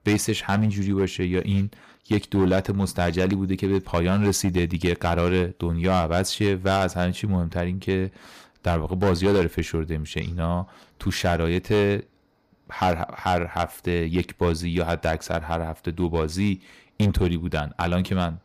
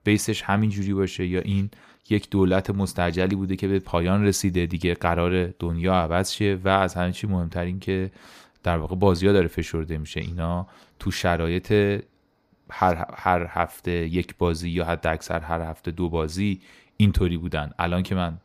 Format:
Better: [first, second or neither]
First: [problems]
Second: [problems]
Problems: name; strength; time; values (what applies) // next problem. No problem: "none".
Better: second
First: distortion; slight; 5% of the sound clipped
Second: none